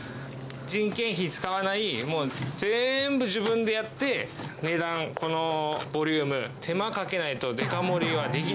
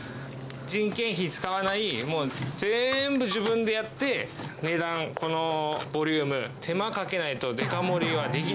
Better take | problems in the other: first | background sound (Shatter + Bowed string instrument); 17 dB below the speech

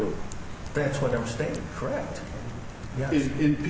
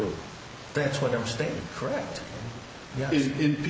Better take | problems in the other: second | background sound (Typing); 8 dB below the speech // room echo; dies away in 0.8 s

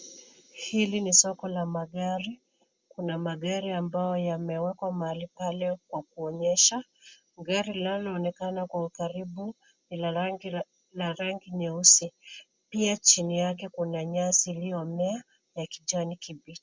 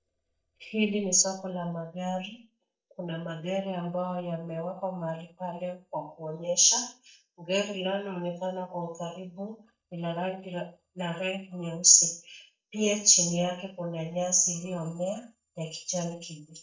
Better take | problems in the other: first | noise reduction (neural mask model DeepFilterNet 3)

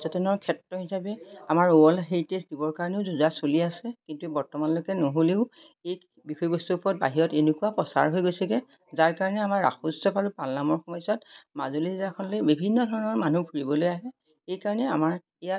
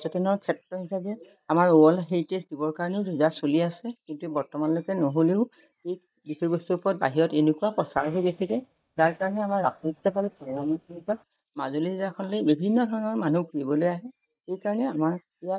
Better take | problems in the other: first | noise reduction (neural mask model DeepFilterNet 3)

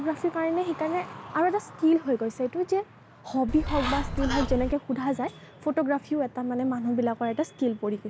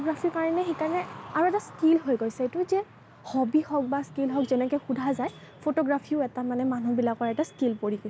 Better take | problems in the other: second | background sound (Bird); 2 dB below the speech

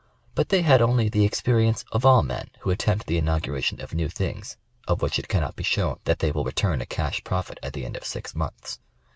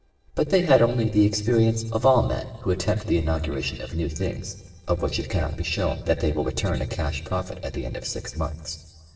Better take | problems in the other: first | noise reduction (neural separator model SepFormer DNS4)

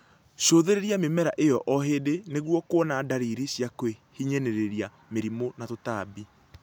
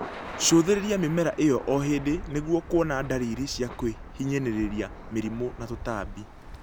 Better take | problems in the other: first | background sound (Thunder / Rain + Bird); 12 dB below the speech

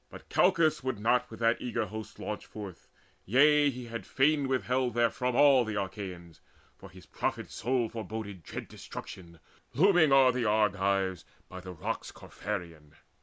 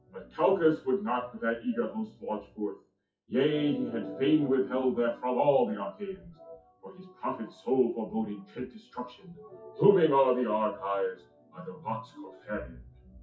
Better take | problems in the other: first | noise reduction (classical method WPE with log-MMSE)

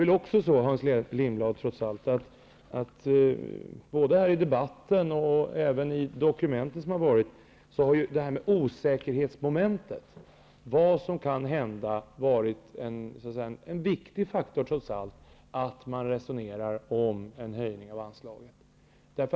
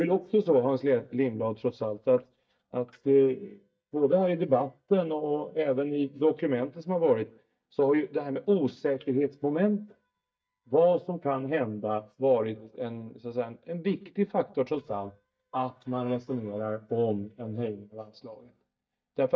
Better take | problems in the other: first | noise reduction (neural mask model DeepFilterNet 3)

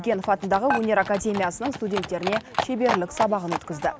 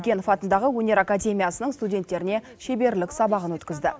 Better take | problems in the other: second | background sound (Dishes, pots, and pans + Livestock, farm animals, working animals); 7 dB below the speech

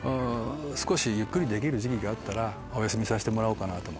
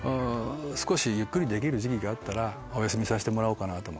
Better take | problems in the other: second | background sound (Motorcycle); 15 dB below the speech

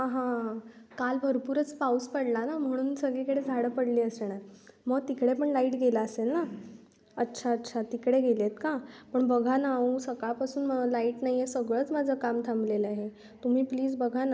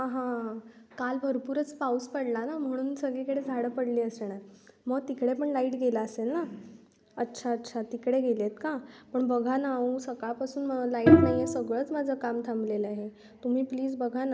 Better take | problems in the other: first | background sound (Bowed string instrument); 4 dB above the speech

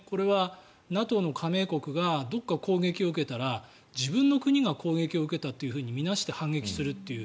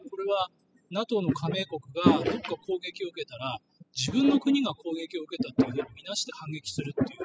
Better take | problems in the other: first | noise reduction (classical method spectral subtraction)

